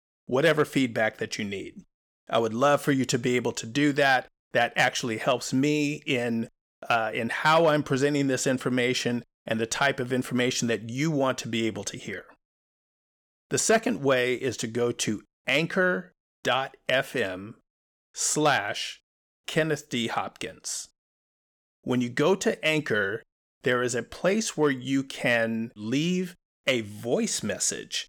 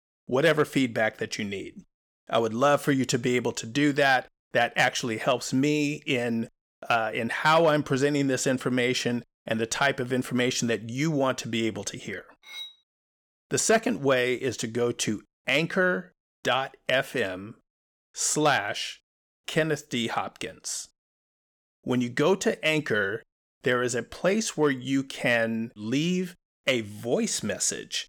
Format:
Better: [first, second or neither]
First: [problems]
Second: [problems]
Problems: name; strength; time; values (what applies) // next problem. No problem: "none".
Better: first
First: none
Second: clattering dishes; faint; at 12 s; peak 15 dB below the speech